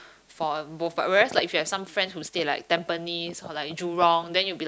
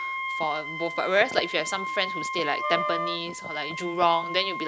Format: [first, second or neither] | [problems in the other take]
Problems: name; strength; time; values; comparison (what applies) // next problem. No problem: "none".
first | background sound (Wind instrument, woodwind instrument + Wind instrument, woodwind instrument); 4 dB below the speech